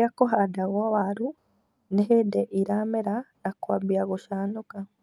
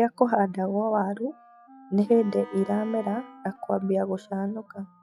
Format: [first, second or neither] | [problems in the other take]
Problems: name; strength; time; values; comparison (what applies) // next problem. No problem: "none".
first | noise reduction (classical method log-MMSE)